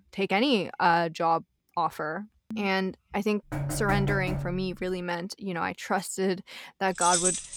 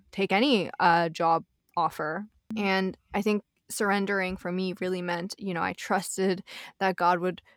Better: second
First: door banging; noticeable; from 3.5 to 5 s; peak 1 dB below the speech // jangling keys; loud; at 7 s; peak 4 dB above the speech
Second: none

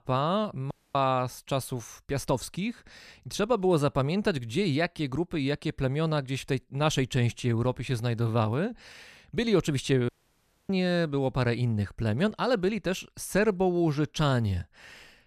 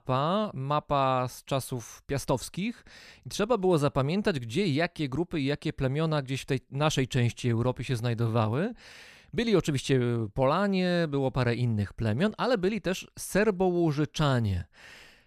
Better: second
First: audio cutting out; at 0.5 s and at 10 s for 0.5 s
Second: none

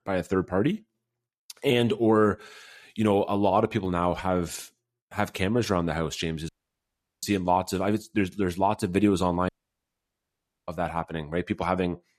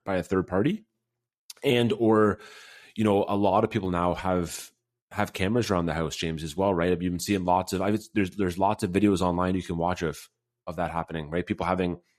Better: second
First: audio cutting out; at 6.5 s for 0.5 s and at 9.5 s for 1 s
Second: none

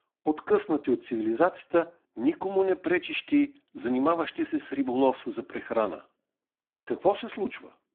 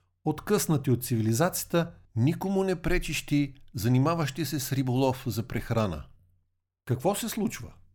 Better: second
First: phone-call audio; poor line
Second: none

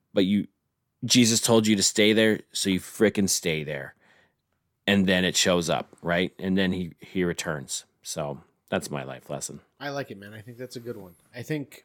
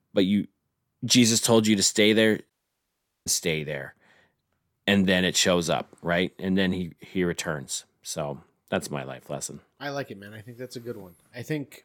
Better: first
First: none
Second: audio cutting out; at 2.5 s for 1 s

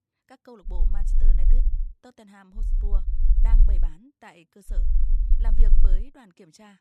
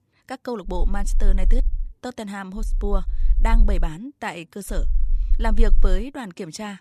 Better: second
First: low rumble; loud; from 0.5 to 2 s, from 2.5 to 4 s and from 4.5 to 6 s; 3 dB below the speech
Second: low rumble; faint; from 0.5 to 2 s, from 2.5 to 4 s and from 4.5 to 6 s; 20 dB below the speech

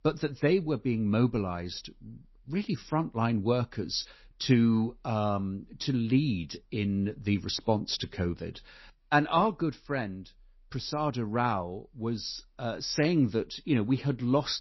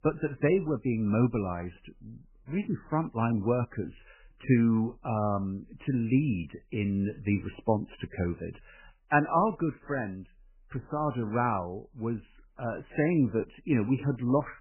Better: first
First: garbled, watery; slightly; nothing above 5.5 kHz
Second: garbled, watery; badly; nothing above 2.5 kHz

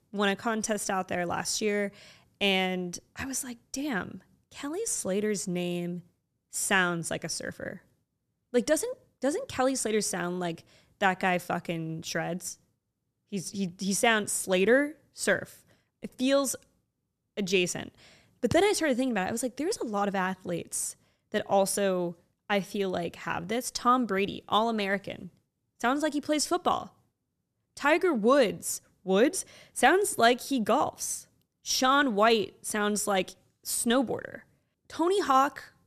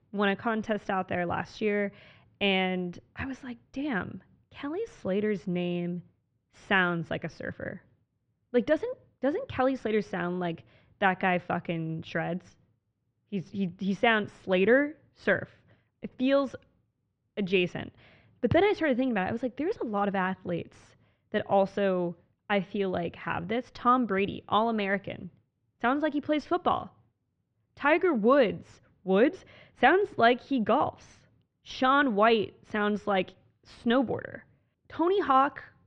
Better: first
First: none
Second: muffled; very; fading above 3 kHz

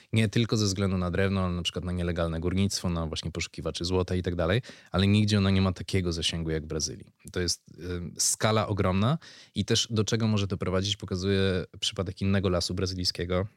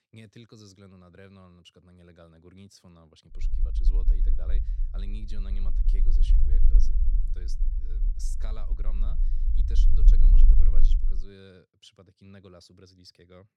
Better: first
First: none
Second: low rumble; loud; from 3.5 to 11 s; 1 dB below the speech

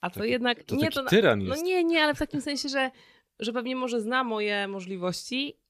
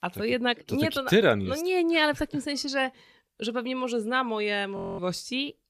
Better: first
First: none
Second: audio freezing; at 5 s

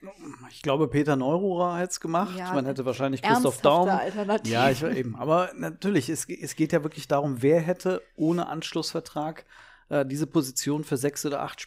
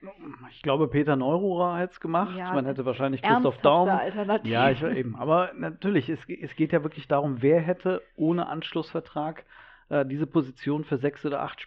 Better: first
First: none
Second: muffled; very; fading above 3.5 kHz

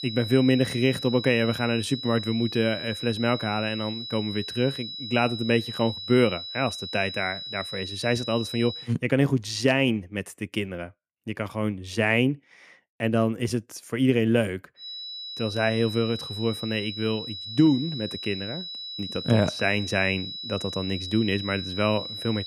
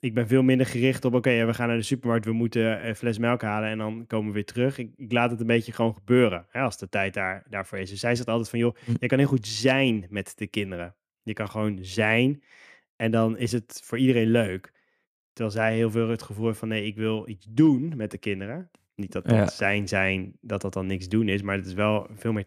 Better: second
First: high-pitched whine; loud; until 9 s and from 15 s on; 4 kHz, 8 dB below the speech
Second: none

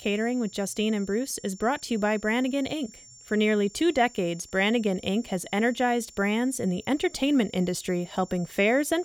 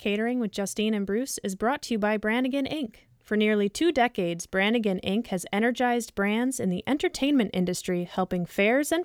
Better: second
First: high-pitched whine; faint; throughout; 7 kHz, 20 dB below the speech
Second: none

